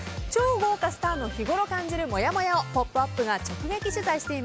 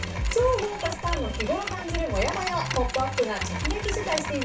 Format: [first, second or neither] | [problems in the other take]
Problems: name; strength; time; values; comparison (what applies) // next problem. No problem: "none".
first | background sound (Mechanisms); 8 dB below the speech // room echo; dies away in 0.2 s